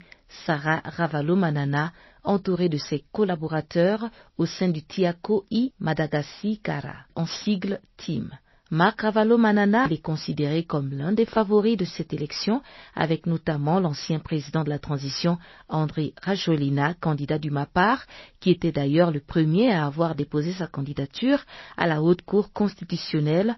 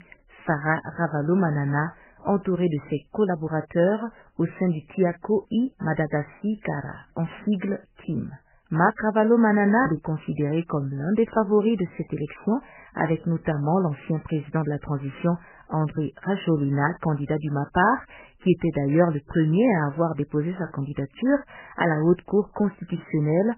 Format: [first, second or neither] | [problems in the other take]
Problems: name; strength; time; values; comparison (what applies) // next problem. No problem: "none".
first | garbled, watery; badly; nothing above 3 kHz; slightly in the first